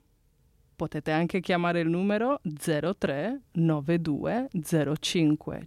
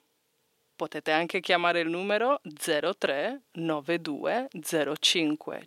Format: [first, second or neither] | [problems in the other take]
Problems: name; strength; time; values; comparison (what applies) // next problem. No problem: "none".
first | thin; somewhat; fading below 450 Hz